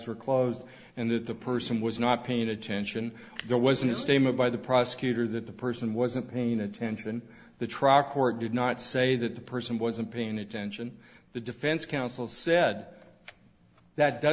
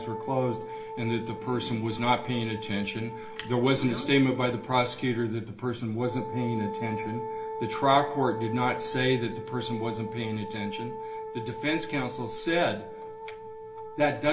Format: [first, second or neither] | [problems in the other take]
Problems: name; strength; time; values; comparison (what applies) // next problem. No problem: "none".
first | background sound (Wind instrument, woodwind instrument); 9 dB below the speech // room echo; dies away in 0.3 s